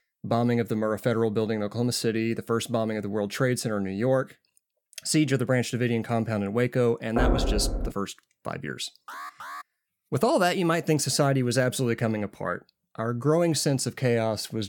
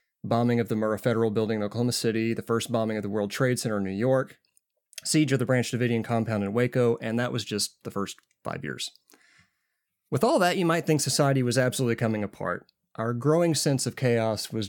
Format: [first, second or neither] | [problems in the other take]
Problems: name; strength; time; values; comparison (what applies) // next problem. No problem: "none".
second | door banging; loud; at 7 s; peak 1 dB above the speech // alarm; faint; at 9 s; peak 10 dB below the speech